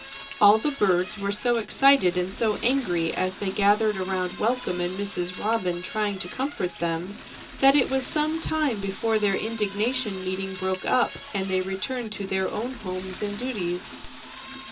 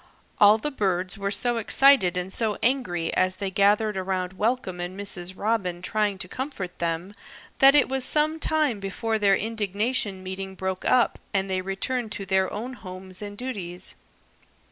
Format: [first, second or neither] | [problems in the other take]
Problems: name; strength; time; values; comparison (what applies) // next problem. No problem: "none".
second | background sound (Toilet flush / Door); 15 dB below the speech // room echo; dies away in 0.2 s